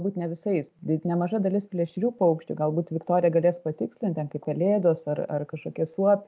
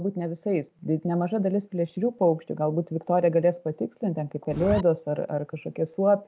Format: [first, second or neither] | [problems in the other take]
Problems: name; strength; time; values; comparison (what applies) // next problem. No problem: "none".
first | background sound (Zipper (clothing)); 5 dB below the speech